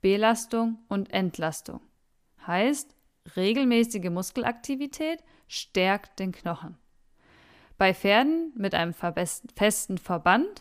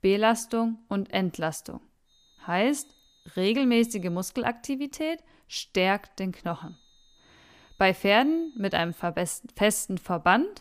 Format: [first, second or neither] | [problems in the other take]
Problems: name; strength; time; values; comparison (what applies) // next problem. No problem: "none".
first | high-pitched whine; faint; from 2 to 4.5 s and from 6.5 to 9 s; 3.5 kHz, 35 dB below the speech